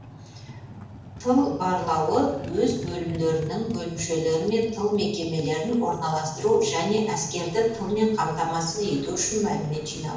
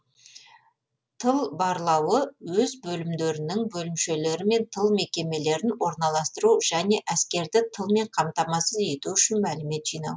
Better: second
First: background sound (Motorcycle); 14 dB below the speech // room echo; dies away in 0.9 s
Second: none

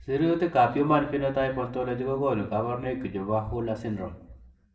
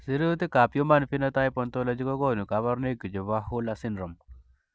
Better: second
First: room echo; dies away in 0.6 s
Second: none

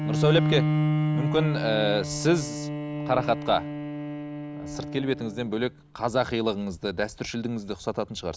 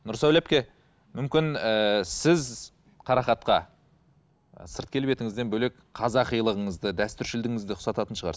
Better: second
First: background sound (Bowed string instrument); 2 dB below the speech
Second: none

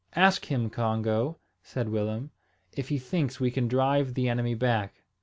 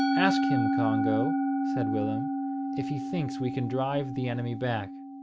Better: first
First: none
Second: background sound (Musical instrument); 3 dB above the speech

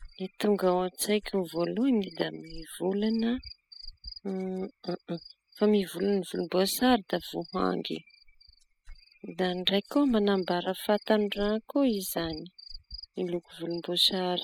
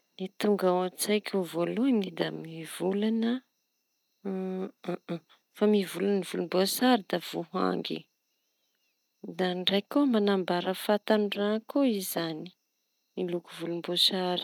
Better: second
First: noise reduction (classical method spectral subtraction)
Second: none

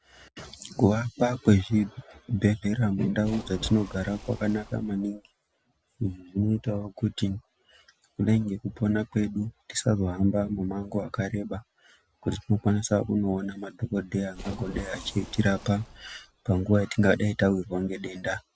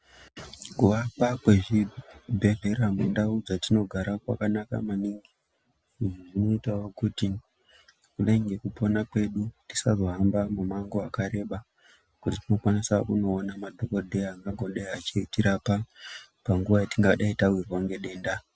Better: second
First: background sound (Splash, splatter); 15 dB below the speech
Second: none

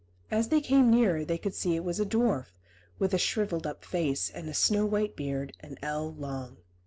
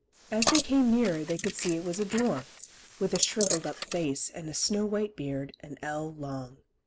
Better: first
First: none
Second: noise reduction (neural mask model Resemble Enhance denoiser)

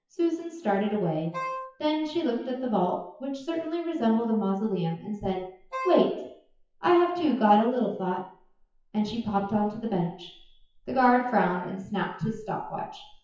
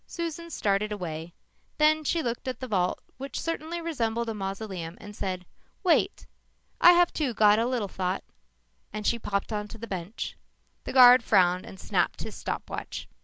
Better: second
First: noise reduction (classical method WPE with log-MMSE)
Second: none

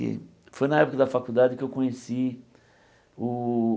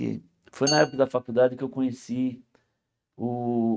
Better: first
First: none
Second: noise reduction (neural mask model RNNoise)

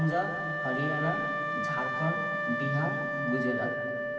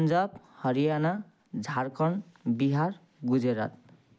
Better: second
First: background sound (Wind instrument, woodwind instrument); 1 dB above the speech // room echo; dies away in 2.5 s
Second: none

